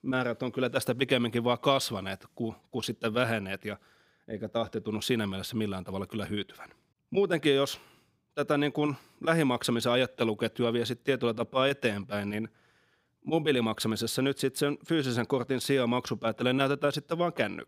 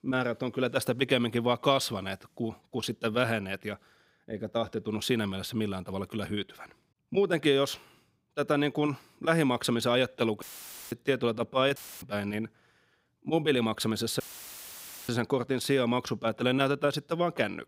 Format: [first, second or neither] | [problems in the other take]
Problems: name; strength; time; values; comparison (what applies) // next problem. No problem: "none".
first | audio cutting out; filled with static; at 10 s, at 12 s and at 14 s for 1 s